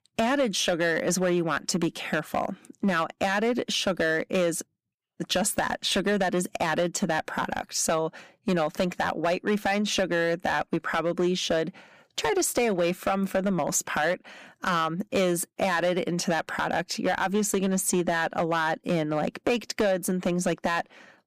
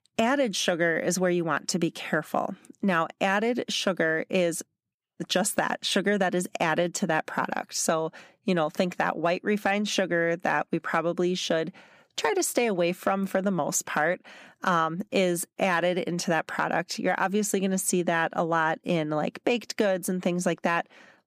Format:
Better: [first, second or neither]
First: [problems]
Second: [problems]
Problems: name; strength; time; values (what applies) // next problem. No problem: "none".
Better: second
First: distortion; slight; 5% of the sound clipped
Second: none